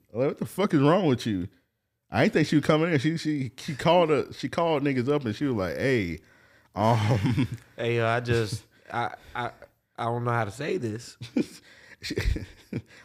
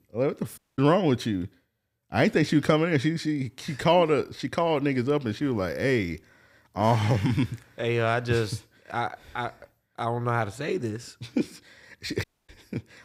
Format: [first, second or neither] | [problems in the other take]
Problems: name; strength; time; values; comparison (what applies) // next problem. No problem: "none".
first | audio cutting out; at 0.5 s and at 12 s